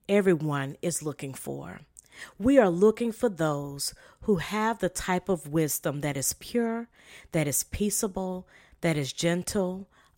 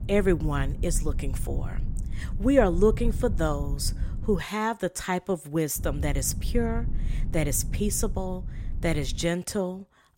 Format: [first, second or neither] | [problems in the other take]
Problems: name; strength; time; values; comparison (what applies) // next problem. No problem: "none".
first | low rumble; noticeable; until 4.5 s and from 6 to 9.5 s; 20 dB below the speech